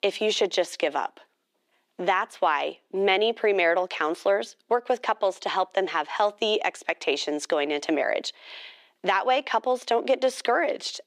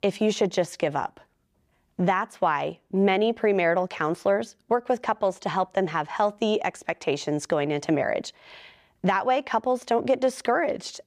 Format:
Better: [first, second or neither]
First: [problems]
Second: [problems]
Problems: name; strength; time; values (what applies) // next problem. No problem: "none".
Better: second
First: thin; somewhat; fading below 300 Hz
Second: none